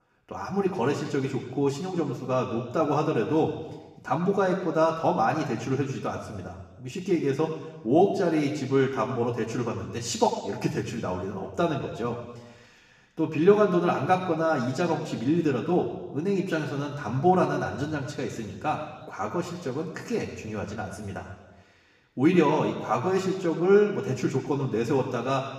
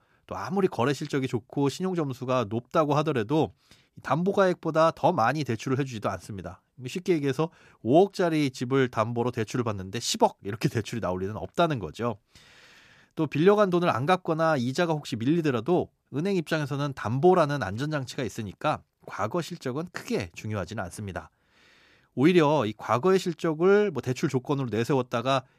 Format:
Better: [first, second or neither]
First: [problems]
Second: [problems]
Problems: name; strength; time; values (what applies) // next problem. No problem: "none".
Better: second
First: room echo; noticeable; dies away in 1.1 s // off-mic speech; far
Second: none